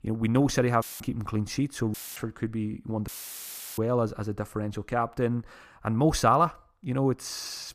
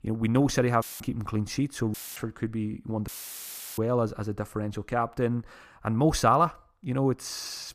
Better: neither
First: audio cutting out; filled with static; at 1 s, at 2 s and at 3 s for 0.5 s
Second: audio cutting out; filled with static; at 1 s, at 2 s and at 3 s for 0.5 s

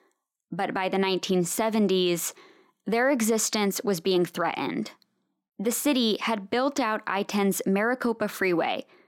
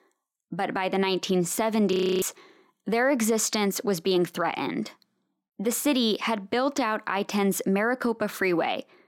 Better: first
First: none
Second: audio freezing; at 2 s

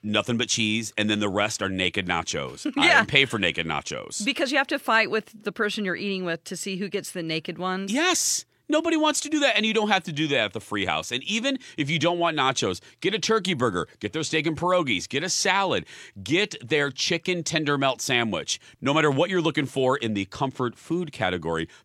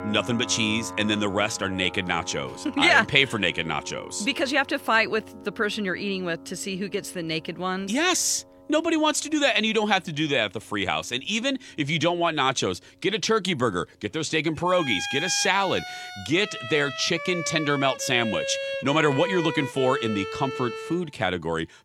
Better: first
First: none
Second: background music; noticeable; throughout; 10 dB below the speech

